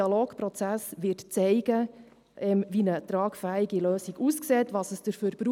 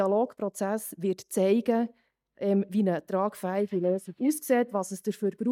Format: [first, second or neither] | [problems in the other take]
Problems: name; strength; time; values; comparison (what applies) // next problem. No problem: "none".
first | noise reduction (neural mask model DeepFilterNet 3)